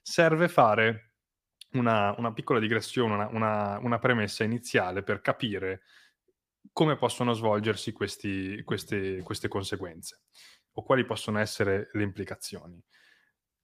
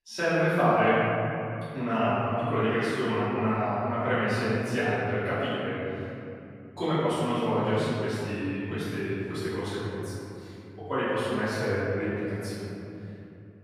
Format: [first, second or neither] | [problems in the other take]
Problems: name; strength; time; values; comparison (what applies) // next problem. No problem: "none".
first | off-mic speech; far // room echo; strong; dies away in 3 s